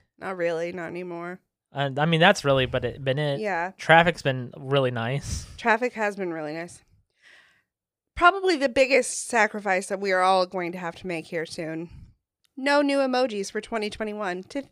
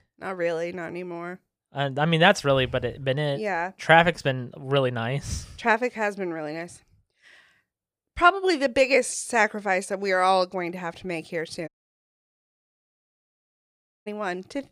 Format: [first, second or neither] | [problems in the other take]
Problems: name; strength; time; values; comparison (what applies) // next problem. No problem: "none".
first | audio cutting out; at 12 s for 2.5 s